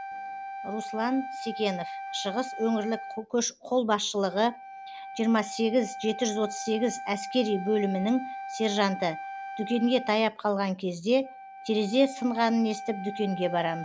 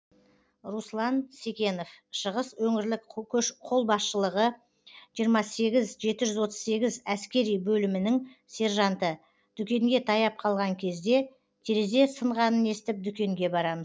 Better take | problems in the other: second | background sound (Wind instrument, woodwind instrument); 11 dB below the speech

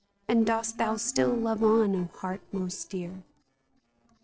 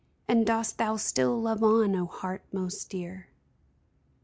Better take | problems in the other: second | noise reduction (neural separator model SepFormer DNS4)

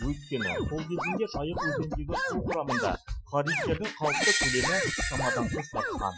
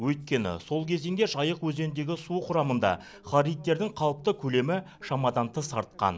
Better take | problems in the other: second | noise reduction (classical method Wiener filter)

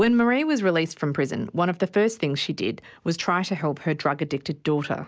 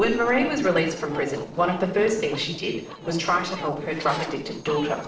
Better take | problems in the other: first | noise reduction (neural separator model SepFormer DNS4)

